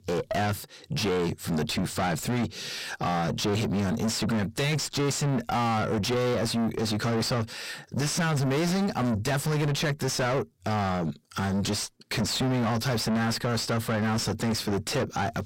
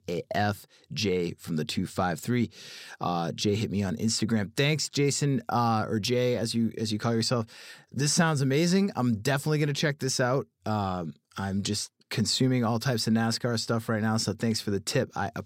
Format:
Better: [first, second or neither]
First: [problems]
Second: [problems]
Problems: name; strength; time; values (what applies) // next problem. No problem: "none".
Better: second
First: distortion; heavy; 6 dB below the speech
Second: none